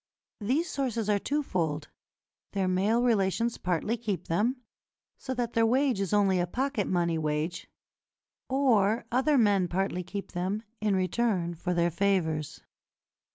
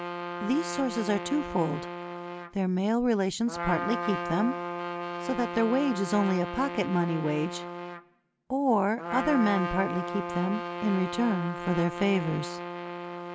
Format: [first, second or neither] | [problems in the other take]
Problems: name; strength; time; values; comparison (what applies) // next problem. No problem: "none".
first | background sound (Trumpet); 7 dB below the speech